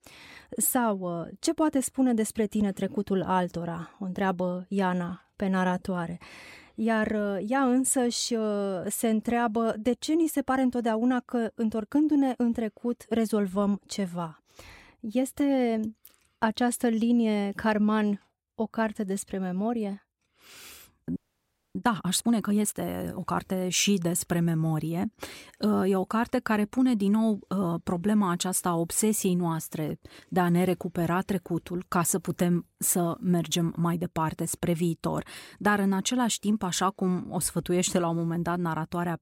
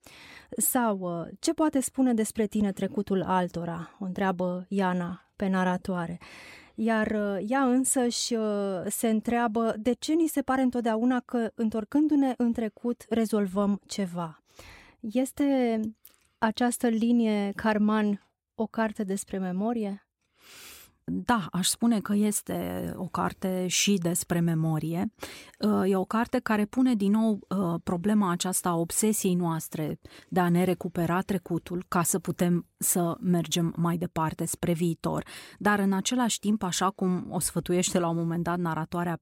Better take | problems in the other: second | audio freezing; at 21 s for 0.5 s

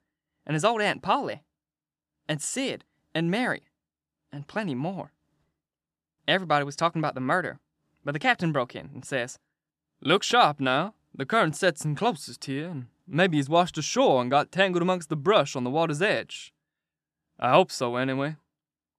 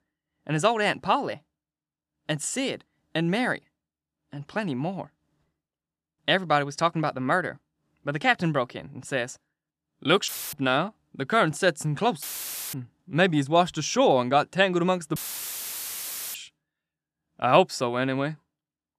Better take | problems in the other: first | audio cutting out; filled with static; at 10 s, at 12 s for 0.5 s and at 15 s for 1 s

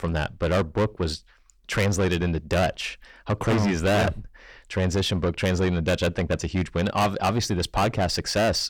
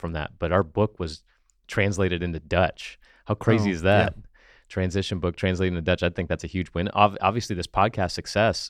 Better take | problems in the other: second | distortion; heavy; 6 dB below the speech

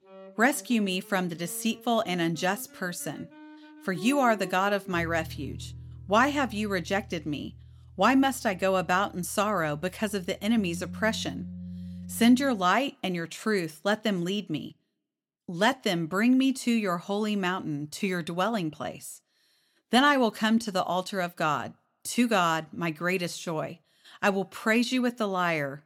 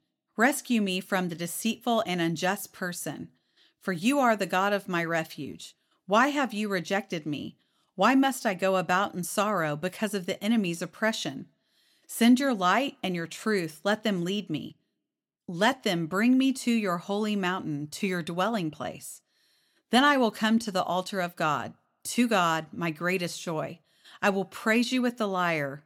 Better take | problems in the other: second | background music; noticeable; until 12 s; 20 dB below the speech

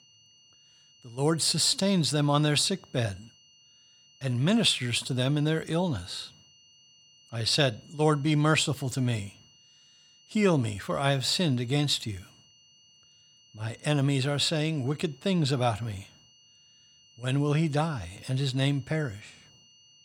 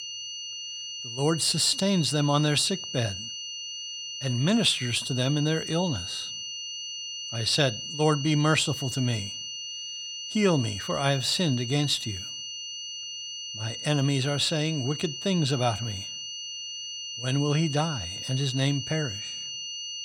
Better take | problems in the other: first | high-pitched whine; loud; throughout; 3 kHz, 7 dB below the speech; faint in the first

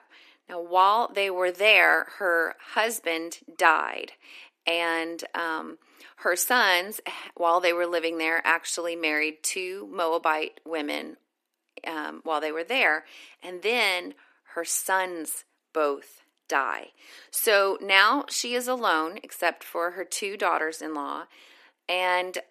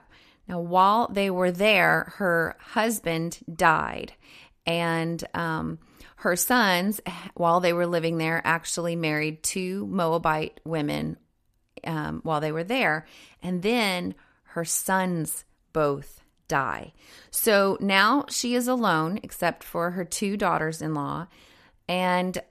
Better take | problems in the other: second | thin; somewhat; fading below 300 Hz

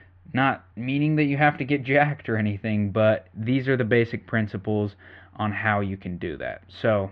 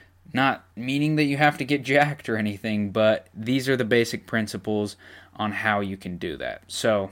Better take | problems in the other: second | muffled; very; fading above 3 kHz

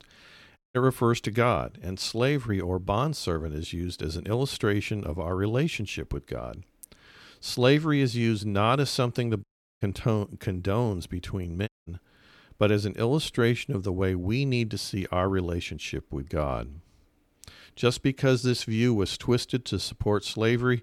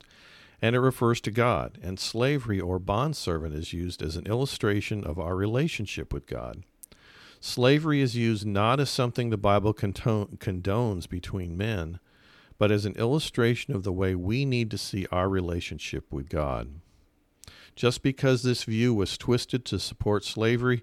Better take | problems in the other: second | audio cutting out; at 0.5 s, at 9.5 s and at 12 s

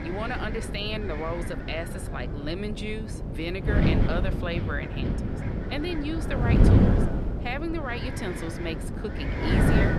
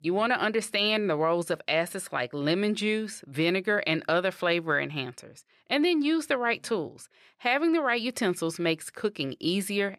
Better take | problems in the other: second | wind noise on the microphone; heavy; as loud as the speech

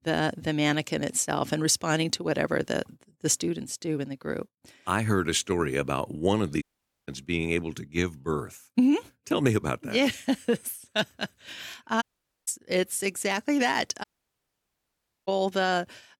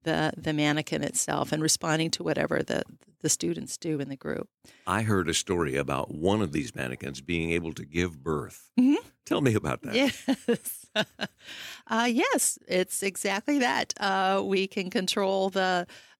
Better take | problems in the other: second | audio cutting out; at 6.5 s, at 12 s and at 14 s for 1 s

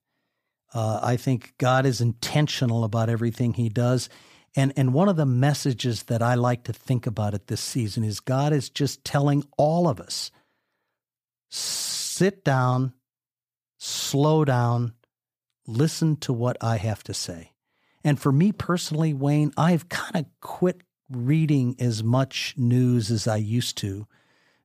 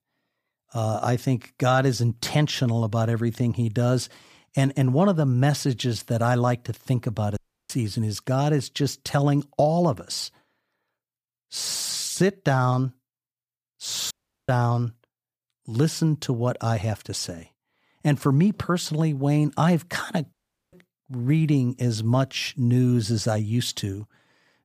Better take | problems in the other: first | audio cutting out; at 7.5 s, at 14 s and at 20 s

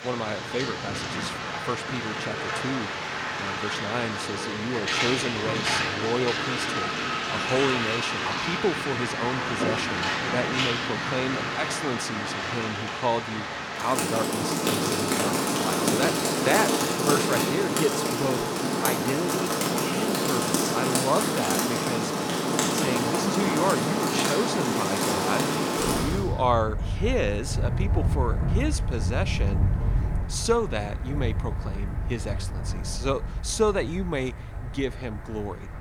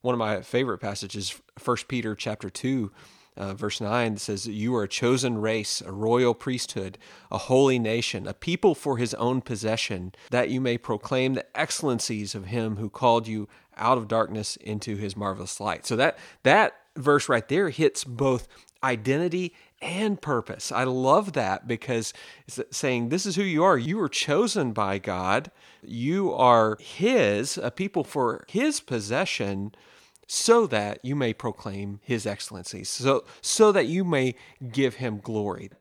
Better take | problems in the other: second | rain or running water; very loud; throughout; 3 dB above the speech

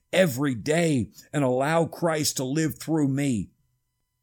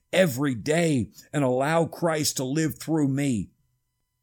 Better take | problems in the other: neither | none

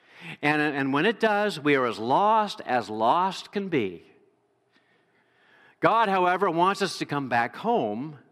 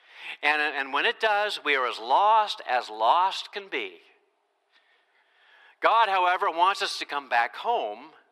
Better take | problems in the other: first | thin; very; fading below 500 Hz

